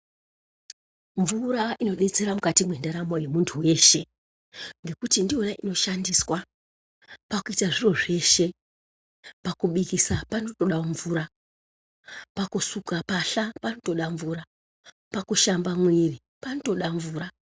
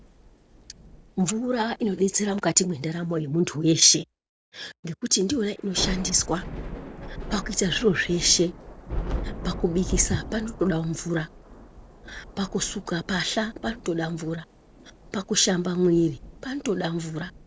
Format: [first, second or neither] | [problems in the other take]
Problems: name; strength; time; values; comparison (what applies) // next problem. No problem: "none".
first | background sound (Thunder / Rain); 11 dB below the speech